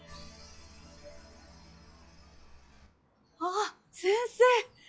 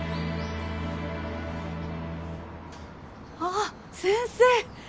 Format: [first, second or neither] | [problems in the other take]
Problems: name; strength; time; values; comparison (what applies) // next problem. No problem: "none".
second | noise reduction (classical method log-MMSE)